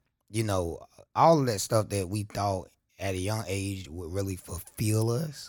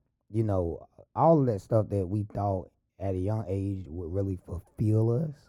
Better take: first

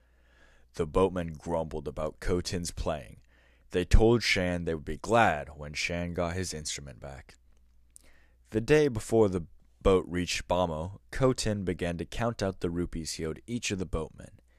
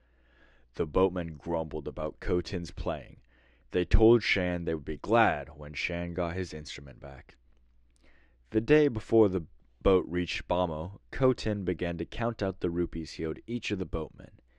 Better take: first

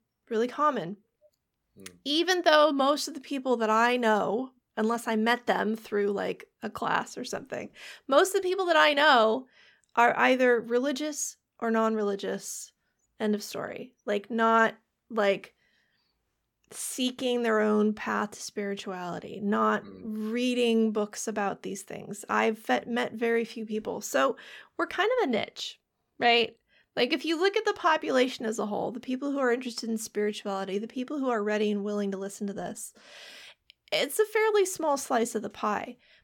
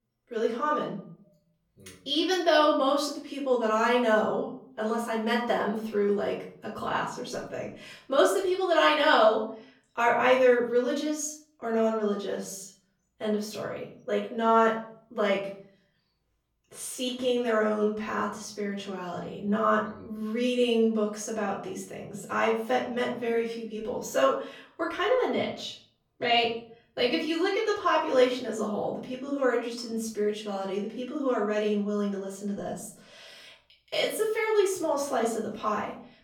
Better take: first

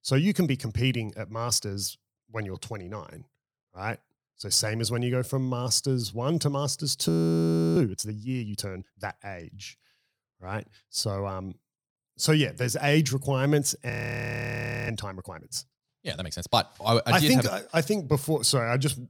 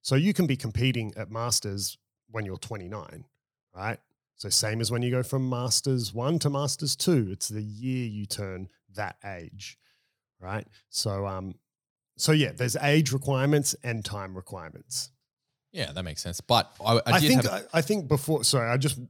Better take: second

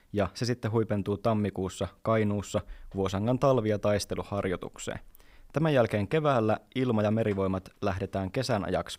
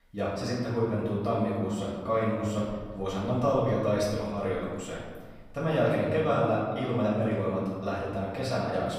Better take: first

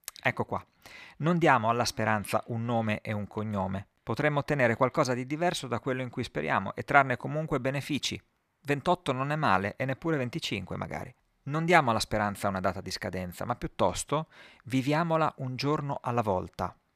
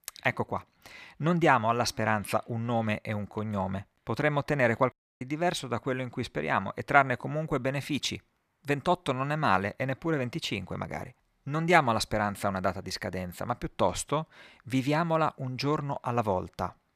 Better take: first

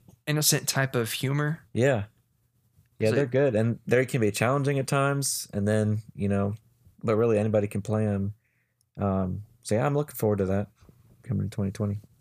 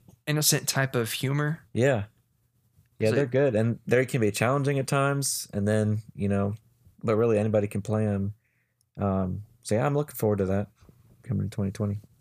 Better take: neither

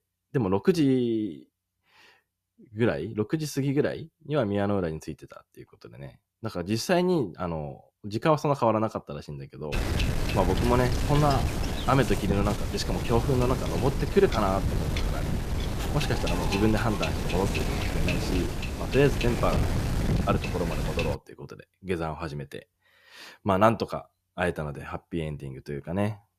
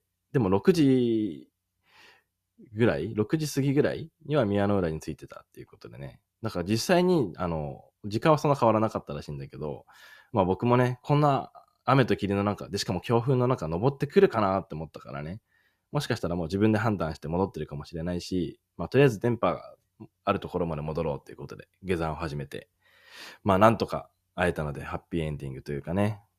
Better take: second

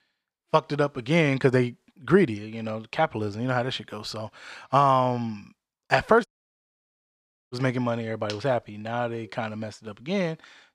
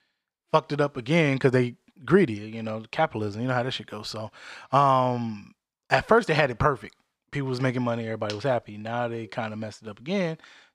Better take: second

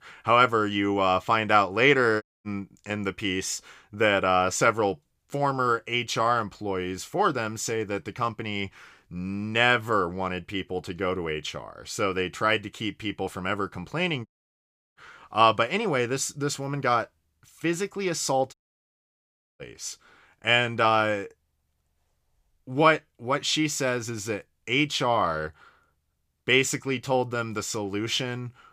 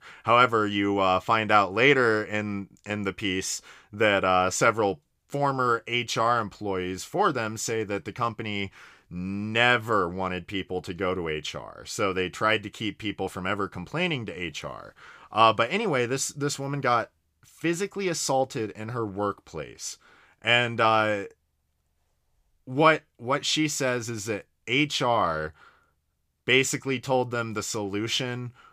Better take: second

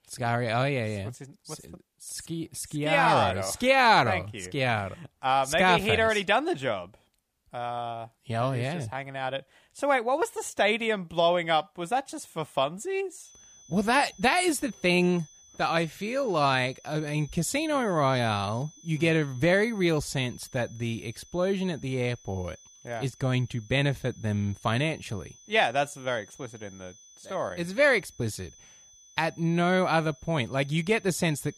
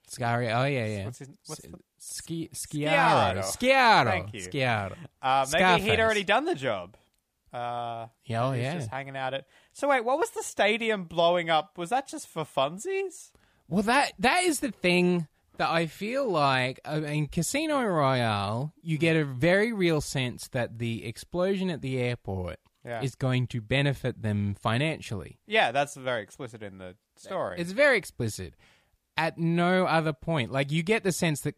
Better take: second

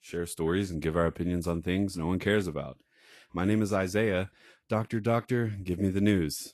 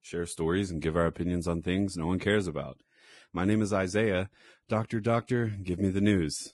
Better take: first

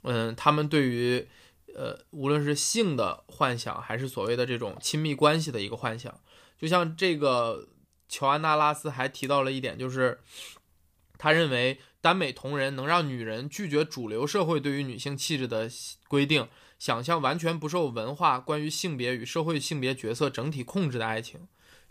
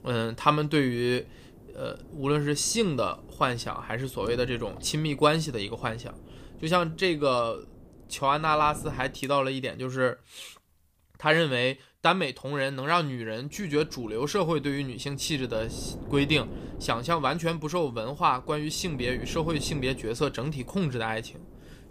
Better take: first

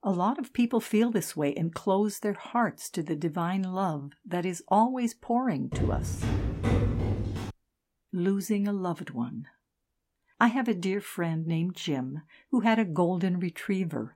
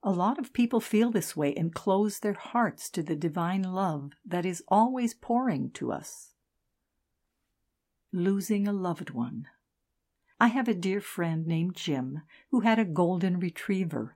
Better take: second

